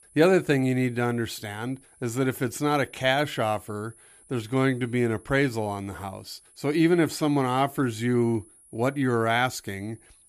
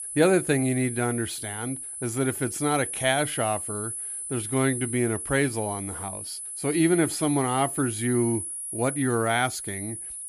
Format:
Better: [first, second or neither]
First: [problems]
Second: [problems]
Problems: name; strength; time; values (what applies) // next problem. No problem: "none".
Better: first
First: high-pitched whine; faint; throughout; 10 kHz, 25 dB below the speech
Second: high-pitched whine; loud; throughout; 10 kHz, 5 dB below the speech